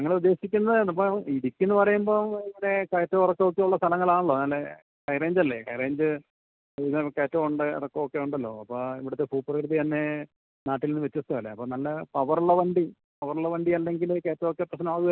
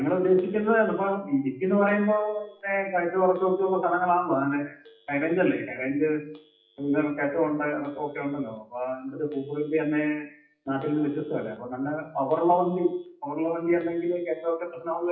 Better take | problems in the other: first | noise reduction (classical method WPE with log-MMSE)

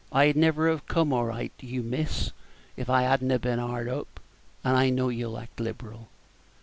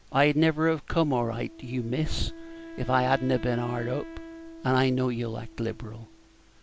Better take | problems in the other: first | background sound (Wind instrument, woodwind instrument); 17 dB below the speech

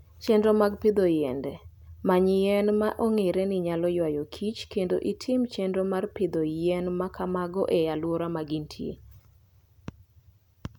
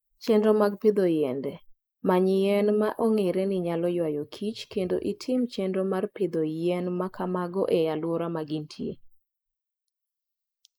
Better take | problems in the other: first | noise reduction (neural mask model Resemble Enhance denoiser)

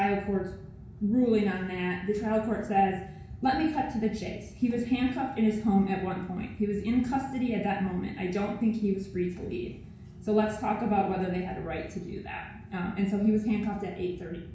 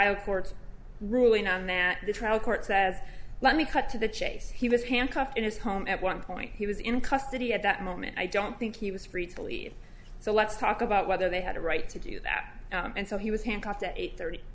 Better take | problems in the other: second | room echo; dies away in 0.6 s

